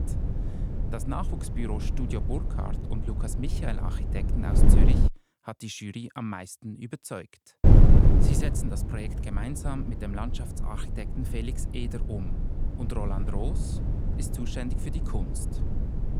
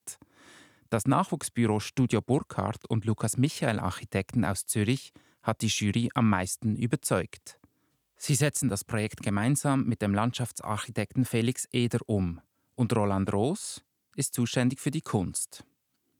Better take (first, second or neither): second